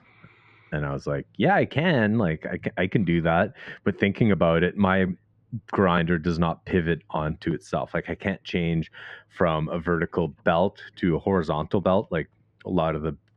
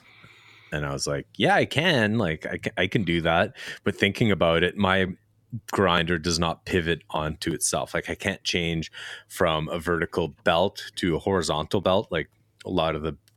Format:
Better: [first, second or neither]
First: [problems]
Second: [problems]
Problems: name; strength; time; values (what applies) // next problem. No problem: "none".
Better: second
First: muffled; very; fading above 2 kHz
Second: none